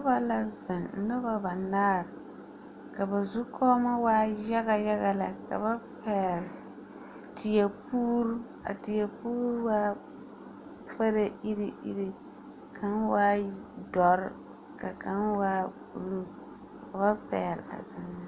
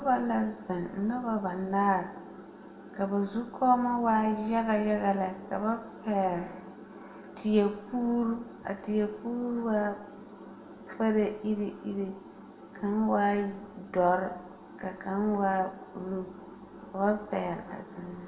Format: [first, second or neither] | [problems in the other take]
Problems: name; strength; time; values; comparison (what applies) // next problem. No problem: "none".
first | room echo; dies away in 0.7 s